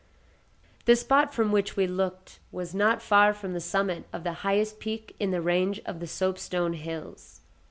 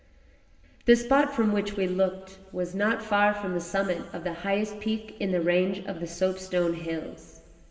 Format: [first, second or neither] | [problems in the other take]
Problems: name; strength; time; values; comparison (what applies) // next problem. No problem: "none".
first | room echo; dies away in 1.8 s